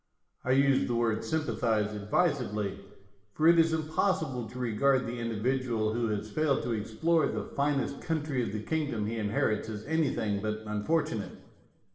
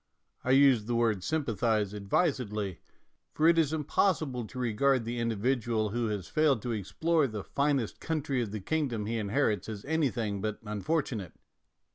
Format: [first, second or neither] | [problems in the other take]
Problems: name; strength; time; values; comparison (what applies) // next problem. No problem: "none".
second | room echo; dies away in 1 s